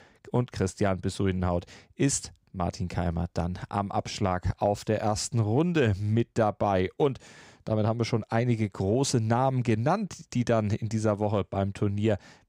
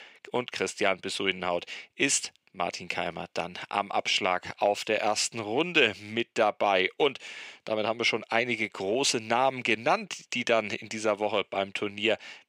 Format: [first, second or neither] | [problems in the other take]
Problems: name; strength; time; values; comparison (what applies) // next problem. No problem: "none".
first | thin; somewhat; fading below 400 Hz